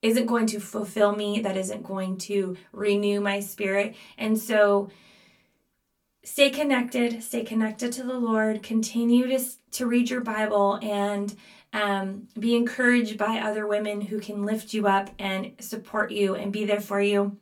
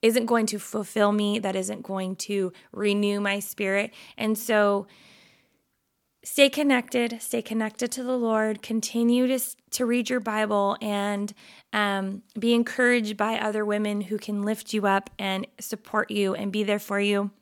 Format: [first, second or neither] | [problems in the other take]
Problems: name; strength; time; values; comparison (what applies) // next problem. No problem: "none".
second | off-mic speech; far // room echo; very slight; dies away in 0.2 s